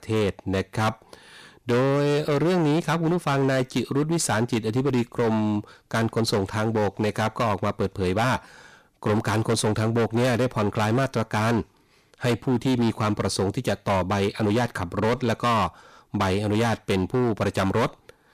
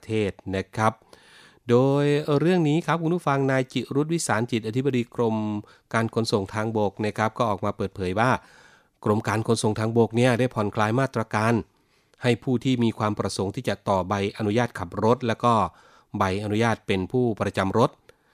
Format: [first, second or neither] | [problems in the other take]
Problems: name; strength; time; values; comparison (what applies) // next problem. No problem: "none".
second | distortion; heavy; 20% of the sound clipped